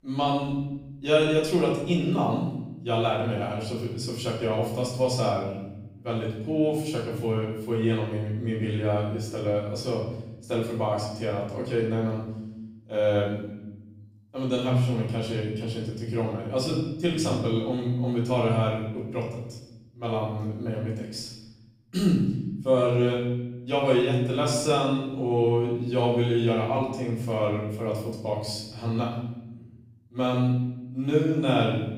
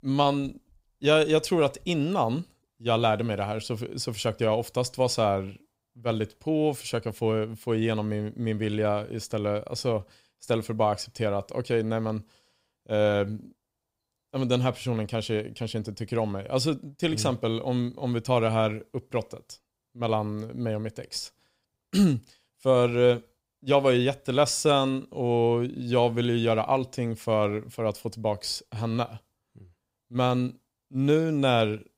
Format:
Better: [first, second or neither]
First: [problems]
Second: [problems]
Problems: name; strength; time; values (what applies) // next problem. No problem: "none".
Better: second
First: room echo; noticeable; dies away in 1.1 s // off-mic speech; far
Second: none